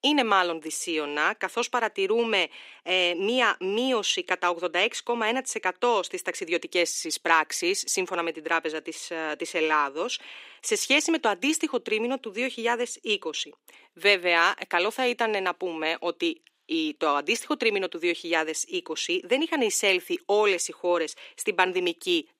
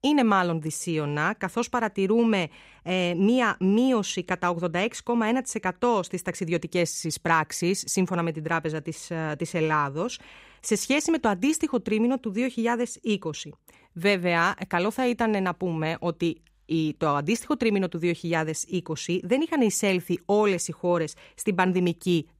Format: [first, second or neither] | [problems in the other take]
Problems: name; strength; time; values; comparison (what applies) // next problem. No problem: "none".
second | thin; somewhat; fading below 300 Hz